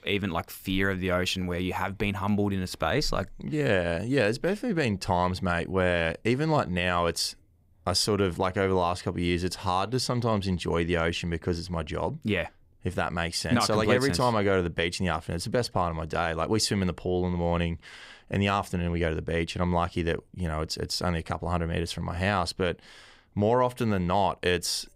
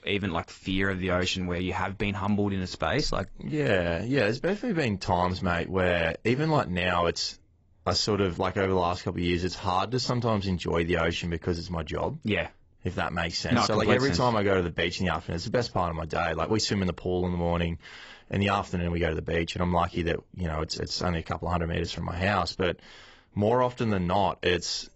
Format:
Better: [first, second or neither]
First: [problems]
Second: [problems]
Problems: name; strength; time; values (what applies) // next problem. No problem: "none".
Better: first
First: none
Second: garbled, watery; badly; nothing above 7.5 kHz